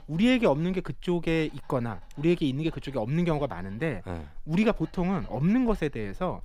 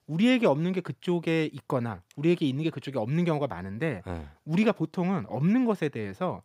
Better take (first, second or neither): second